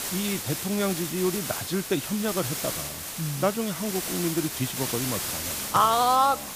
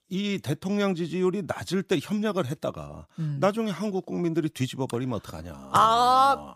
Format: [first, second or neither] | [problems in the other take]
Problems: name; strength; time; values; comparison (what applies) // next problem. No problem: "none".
second | hiss; loud; throughout; 4 dB below the speech